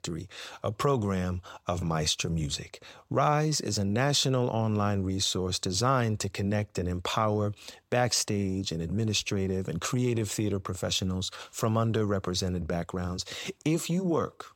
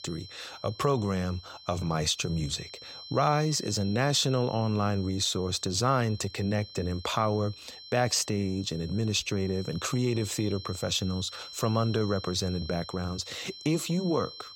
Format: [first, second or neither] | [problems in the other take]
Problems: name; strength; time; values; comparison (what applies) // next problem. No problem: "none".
first | high-pitched whine; noticeable; throughout; 4 kHz, 15 dB below the speech